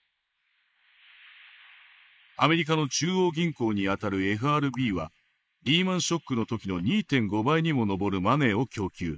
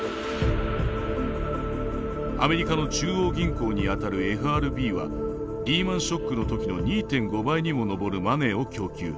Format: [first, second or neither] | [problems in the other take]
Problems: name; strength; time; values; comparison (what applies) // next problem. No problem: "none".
second | noise reduction (neural mask model Resemble Enhance denoiser)